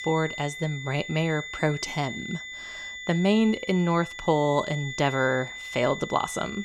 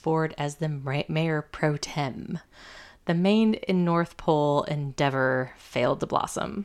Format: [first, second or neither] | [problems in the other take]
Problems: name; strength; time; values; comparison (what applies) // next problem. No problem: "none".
second | high-pitched whine; loud; throughout; 2 kHz, 9 dB below the speech